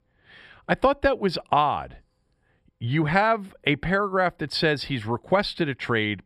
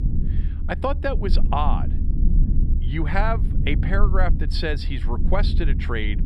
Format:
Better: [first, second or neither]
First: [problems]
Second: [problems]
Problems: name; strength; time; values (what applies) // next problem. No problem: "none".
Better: first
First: none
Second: low rumble; noticeable; throughout; 10 dB below the speech